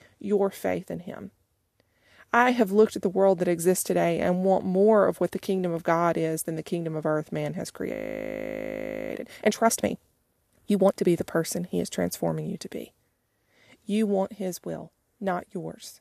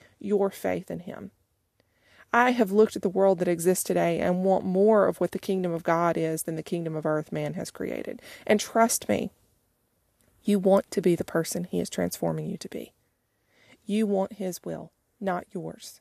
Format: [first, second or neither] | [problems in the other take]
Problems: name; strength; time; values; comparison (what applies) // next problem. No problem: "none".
second | audio freezing; at 8 s for 1 s